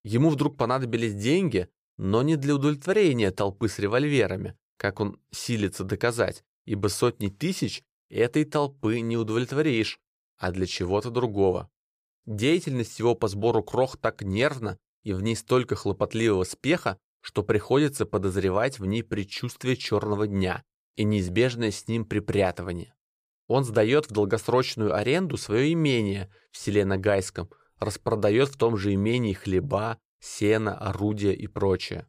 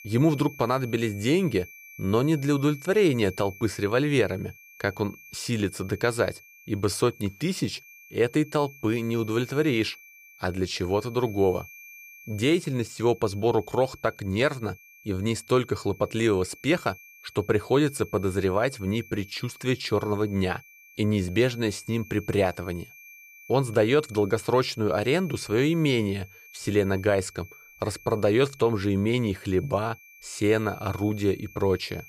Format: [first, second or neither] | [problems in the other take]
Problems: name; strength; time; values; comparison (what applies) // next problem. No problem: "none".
first | high-pitched whine; faint; throughout; 2.5 kHz, 20 dB below the speech